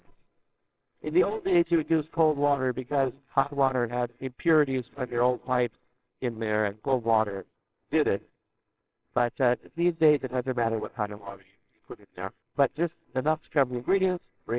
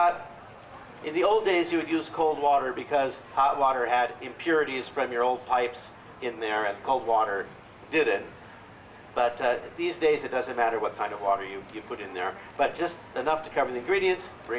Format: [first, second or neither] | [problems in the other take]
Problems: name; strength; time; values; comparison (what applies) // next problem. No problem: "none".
second | noise reduction (neural separator model SepFormer WHAMR!)